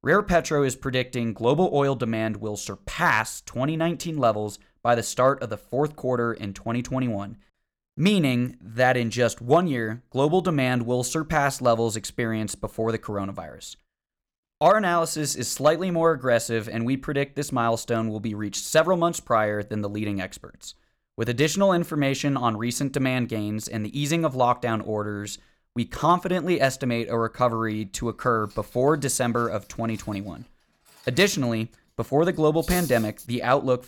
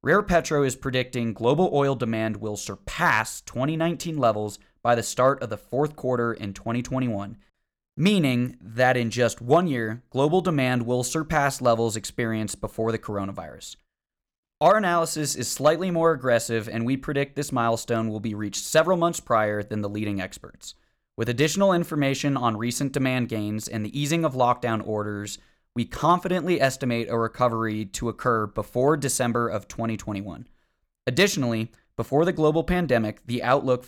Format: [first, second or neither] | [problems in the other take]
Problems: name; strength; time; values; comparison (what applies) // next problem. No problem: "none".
second | clattering dishes; noticeable; from 30 to 33 s; peak 7 dB below the speech